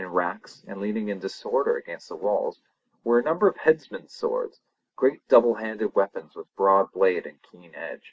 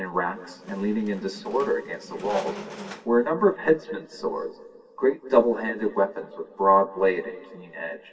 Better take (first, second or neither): first